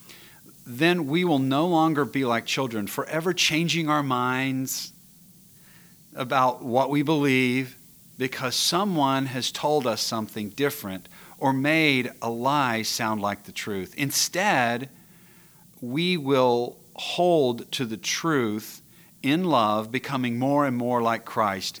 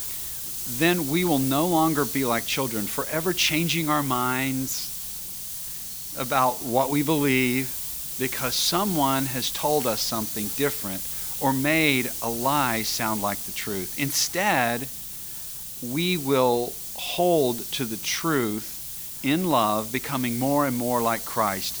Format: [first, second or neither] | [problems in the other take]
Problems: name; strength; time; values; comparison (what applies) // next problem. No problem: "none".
first | hiss; loud; throughout; 5 dB below the speech; faint in the first